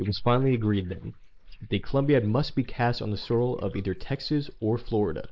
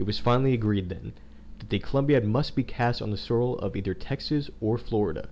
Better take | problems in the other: second | noise reduction (neural mask model Resemble Enhance denoiser)

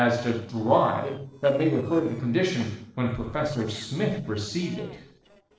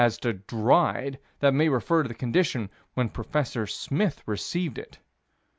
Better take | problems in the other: second | noise reduction (neural separator model SepFormer DNS4)

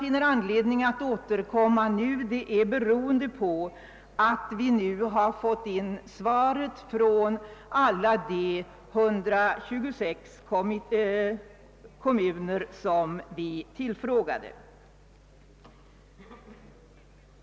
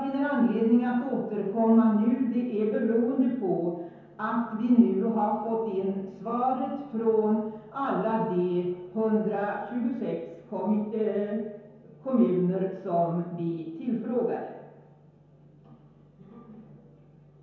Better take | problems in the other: first | room echo; dies away in 0.9 s

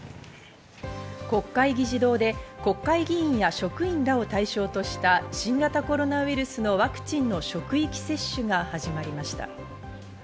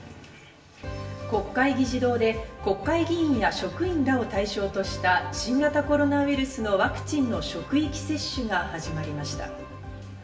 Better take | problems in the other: first | room echo; dies away in 0.7 s

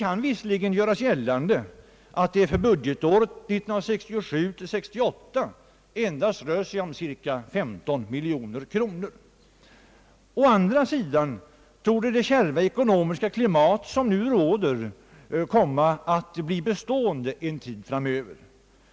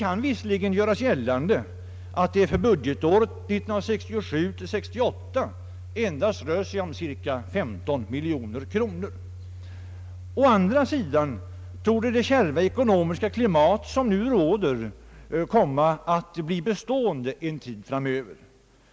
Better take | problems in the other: first | background sound (Domestic sounds, home sounds); 15 dB below the speech

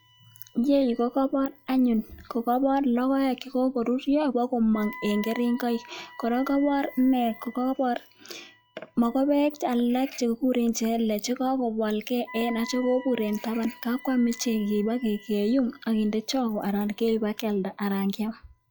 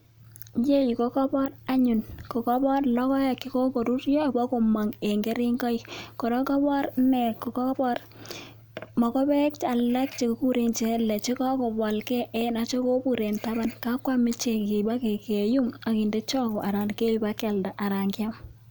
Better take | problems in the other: second | noise reduction (classical method log-MMSE)

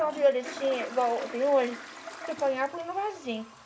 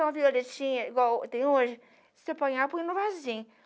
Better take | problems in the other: second | background sound (Toilet flush); 14 dB below the speech // room echo; dies away in 0.3 s

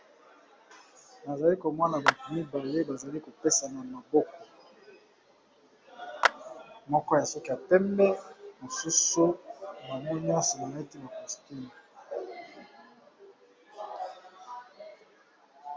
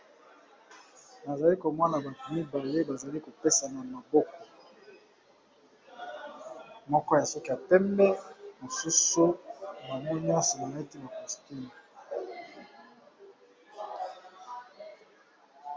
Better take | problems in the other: second | background sound (Clapping); 2 dB below the speech

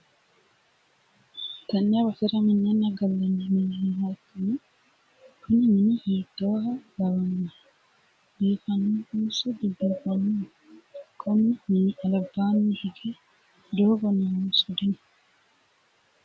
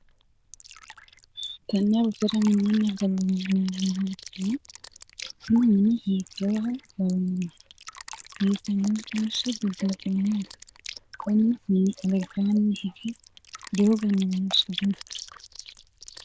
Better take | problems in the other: first | noise reduction (neural diffusion model UNIVERSE++)

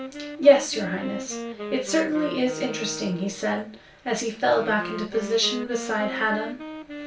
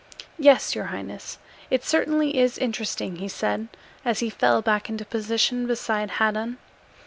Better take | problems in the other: second | background sound (Wind instrument, woodwind instrument); 11 dB below the speech // room echo; dies away in 0.3 s

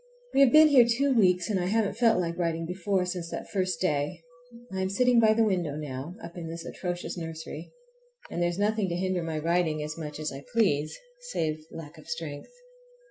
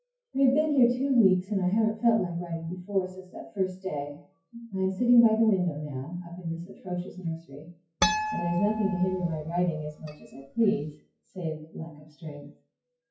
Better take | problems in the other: first | noise reduction (classical method WPE with log-MMSE)

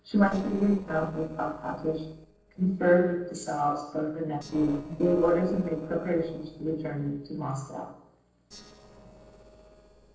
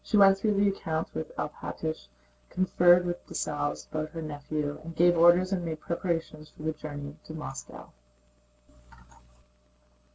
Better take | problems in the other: second | noise reduction (neural separator model SepFormer DNS4)

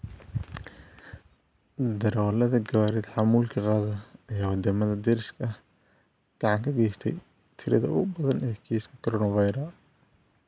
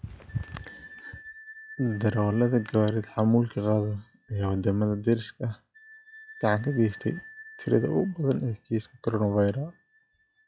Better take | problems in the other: first | noise reduction (classical method log-MMSE)

